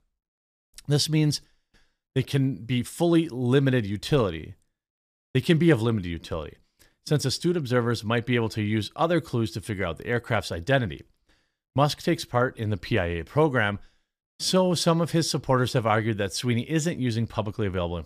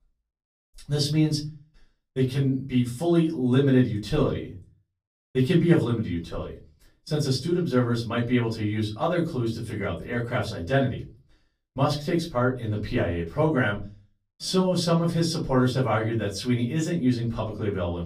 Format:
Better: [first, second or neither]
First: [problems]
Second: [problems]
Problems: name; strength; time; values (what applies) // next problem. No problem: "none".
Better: first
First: none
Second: off-mic speech; far // room echo; very slight; dies away in 0.3 s